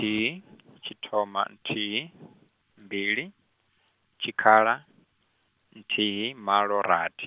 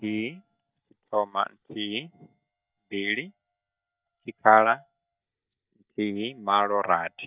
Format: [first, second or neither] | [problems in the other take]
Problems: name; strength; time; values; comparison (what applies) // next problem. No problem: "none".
first | noise reduction (neural mask model DeepFilterNet 3)